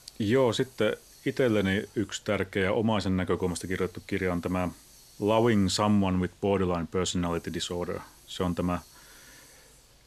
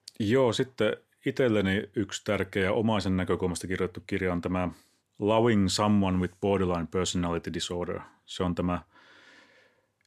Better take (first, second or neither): second